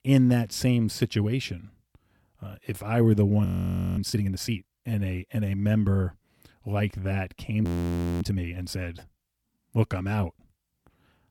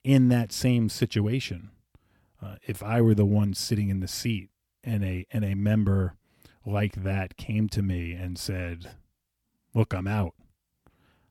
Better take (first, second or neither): second